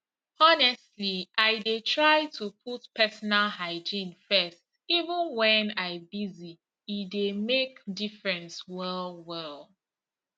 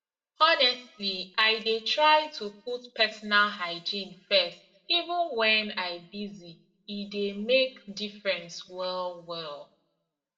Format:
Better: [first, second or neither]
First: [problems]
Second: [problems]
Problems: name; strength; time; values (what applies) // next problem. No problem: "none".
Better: first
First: none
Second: room echo; dies away in 0.5 s